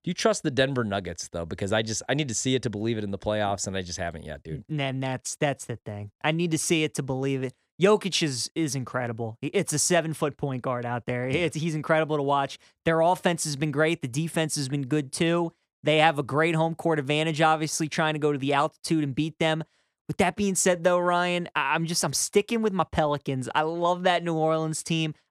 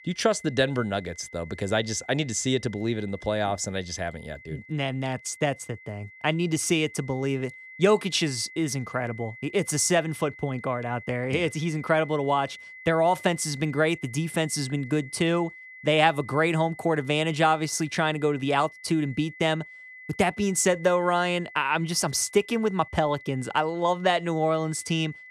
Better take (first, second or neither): first